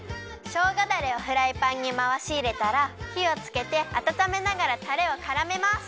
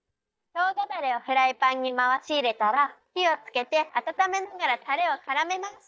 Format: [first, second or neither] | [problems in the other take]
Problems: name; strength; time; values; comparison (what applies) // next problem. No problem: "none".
first | noise reduction (neural mask model DeepFilterNet 3)